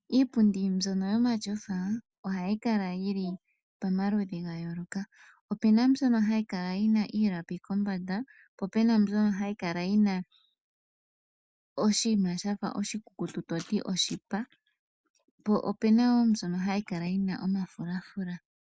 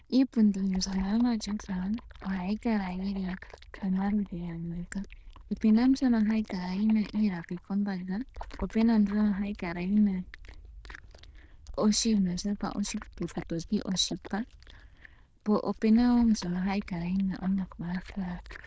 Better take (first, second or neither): first